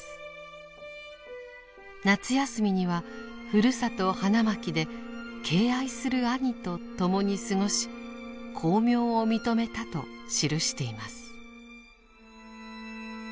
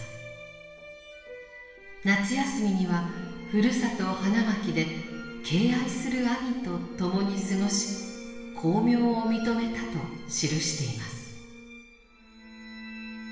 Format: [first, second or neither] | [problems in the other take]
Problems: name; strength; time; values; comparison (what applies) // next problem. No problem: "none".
first | room echo; dies away in 1.3 s